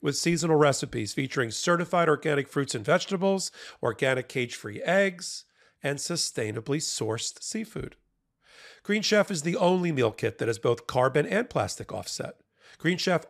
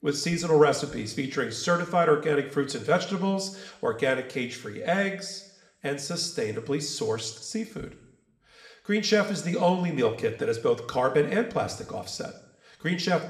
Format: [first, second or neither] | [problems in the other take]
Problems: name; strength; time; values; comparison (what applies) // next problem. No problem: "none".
first | room echo; very slight; dies away in 0.7 s